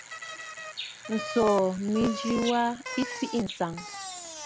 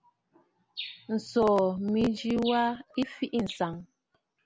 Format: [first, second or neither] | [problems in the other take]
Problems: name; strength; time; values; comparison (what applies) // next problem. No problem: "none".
second | background sound (Bicycle); 10 dB below the speech